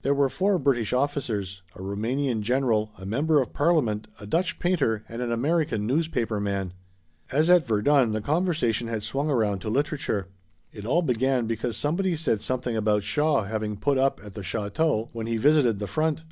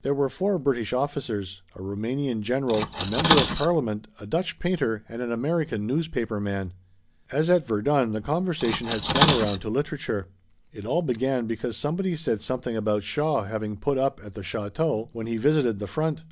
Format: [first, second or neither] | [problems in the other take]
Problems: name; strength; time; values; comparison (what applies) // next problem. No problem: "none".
first | background sound (Cutlery, silverware); 3 dB below the speech